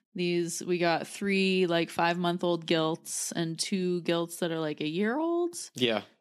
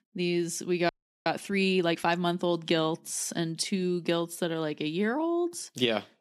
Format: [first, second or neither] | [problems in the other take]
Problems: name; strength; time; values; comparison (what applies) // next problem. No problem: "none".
first | audio freezing; at 1 s